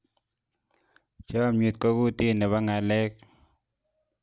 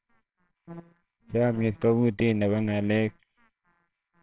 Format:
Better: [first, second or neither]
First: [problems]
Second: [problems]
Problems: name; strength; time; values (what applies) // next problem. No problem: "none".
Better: first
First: none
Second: noise reduction (neural separator model SepFormer WHAMR!)